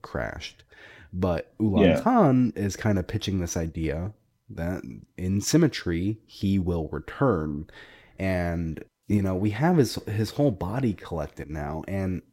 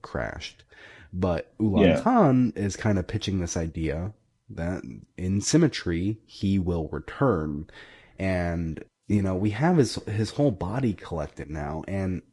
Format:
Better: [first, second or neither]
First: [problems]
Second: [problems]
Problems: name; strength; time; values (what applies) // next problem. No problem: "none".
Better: first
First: none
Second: garbled, watery; slightly; nothing above 10.5 kHz